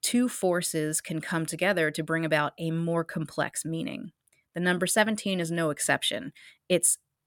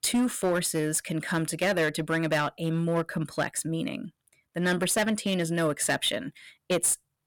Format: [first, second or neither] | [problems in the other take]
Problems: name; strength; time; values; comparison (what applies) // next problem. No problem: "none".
first | distortion; slight; 6% of the sound clipped